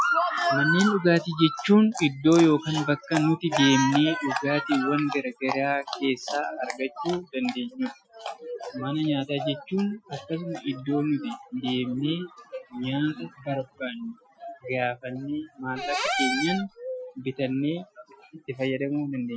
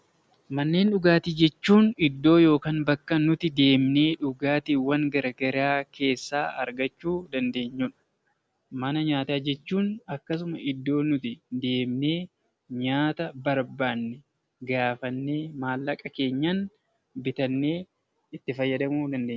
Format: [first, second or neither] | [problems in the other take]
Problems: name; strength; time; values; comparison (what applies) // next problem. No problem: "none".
second | noise reduction (classical method Wiener filter)